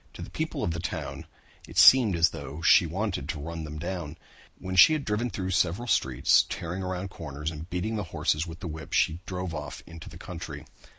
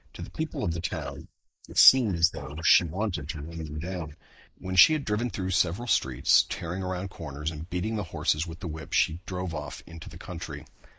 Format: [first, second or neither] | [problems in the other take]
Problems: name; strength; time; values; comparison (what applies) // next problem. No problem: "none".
first | noise reduction (neural mask model Resemble Enhance denoiser)